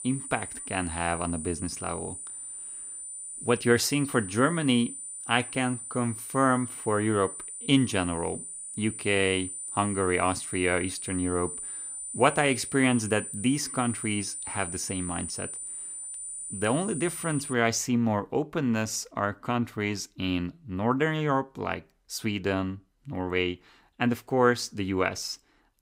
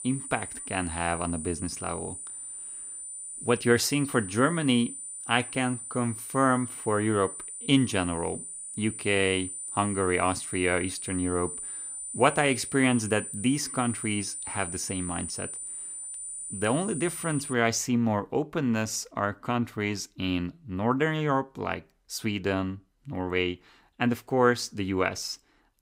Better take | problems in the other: neither | high-pitched whine; loud; until 18 s; 9 kHz, 7 dB below the speech; the same in both

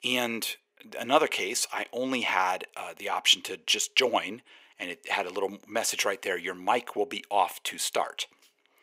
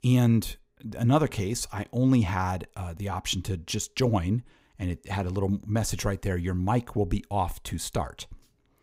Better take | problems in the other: second | thin; very; fading below 450 Hz

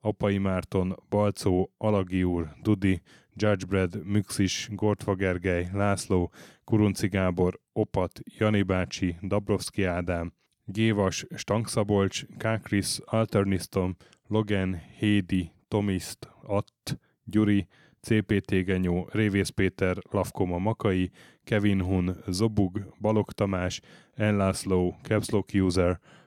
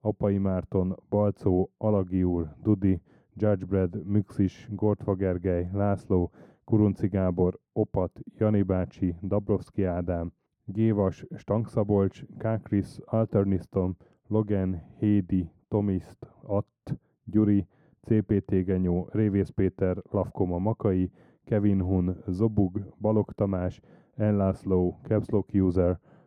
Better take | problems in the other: first | muffled; very; fading above 1.5 kHz

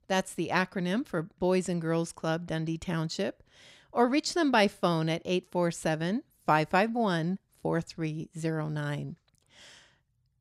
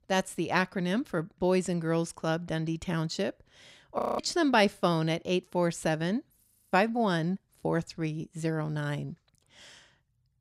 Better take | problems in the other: first | audio freezing; at 4 s and at 6.5 s

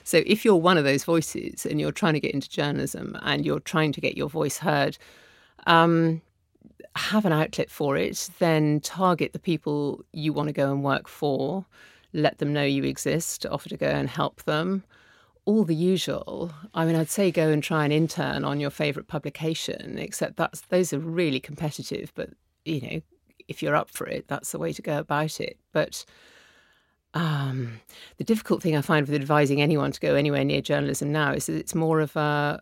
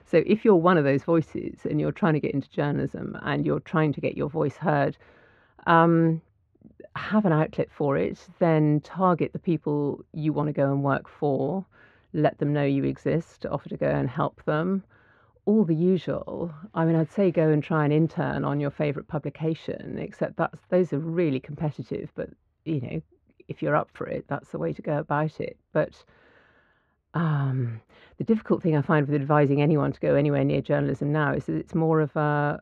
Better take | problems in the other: first | muffled; very; fading above 1.5 kHz

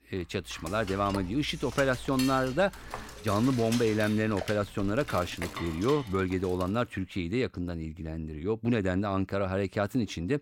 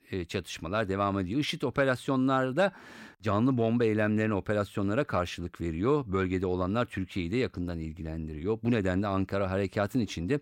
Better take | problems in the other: second | clattering dishes; noticeable; until 6.5 s; peak 7 dB below the speech

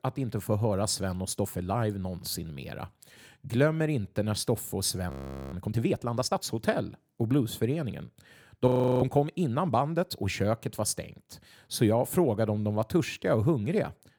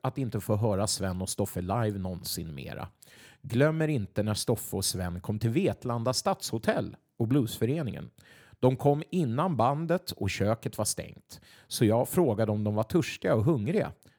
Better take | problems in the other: second | audio freezing; at 5 s and at 8.5 s

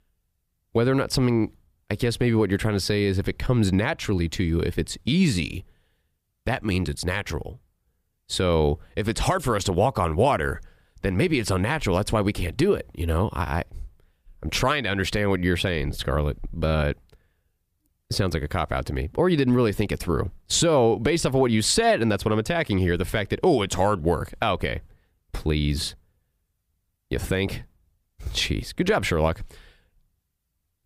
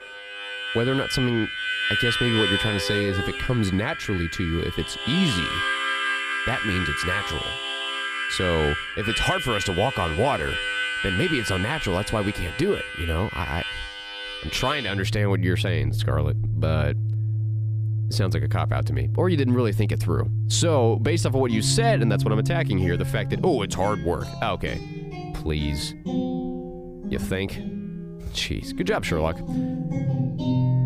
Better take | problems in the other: first | background music; loud; throughout; 1 dB below the speech

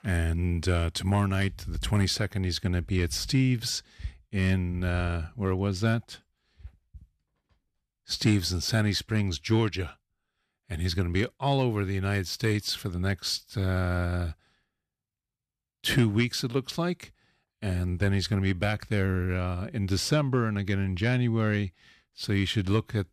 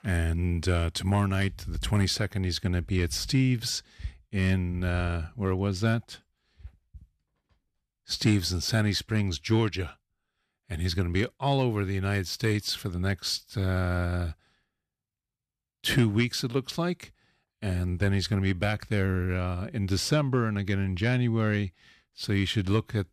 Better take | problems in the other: neither | none

